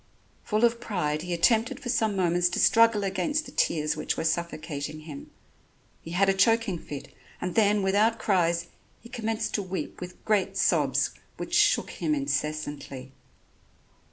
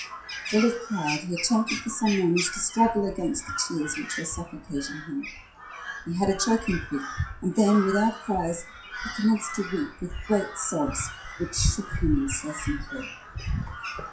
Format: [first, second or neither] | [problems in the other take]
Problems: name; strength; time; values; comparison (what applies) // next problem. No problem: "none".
first | noise reduction (classical method WPE with log-MMSE)